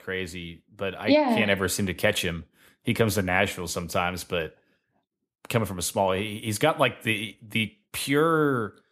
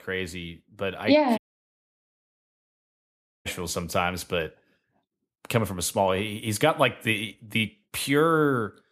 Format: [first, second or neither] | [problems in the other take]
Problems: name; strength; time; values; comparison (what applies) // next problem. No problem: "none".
first | audio cutting out; at 1.5 s for 2 s